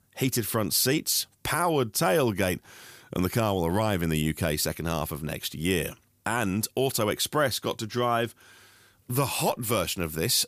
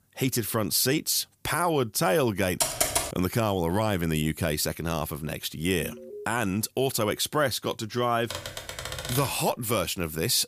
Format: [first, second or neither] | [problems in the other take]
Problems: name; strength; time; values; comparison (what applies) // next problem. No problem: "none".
first | keyboard typing; loud; at 2.5 s; peak 2 dB above the speech // alarm; faint; at 6 s; peak 15 dB below the speech // keyboard typing; noticeable; from 8.5 to 9.5 s; peak 6 dB below the speech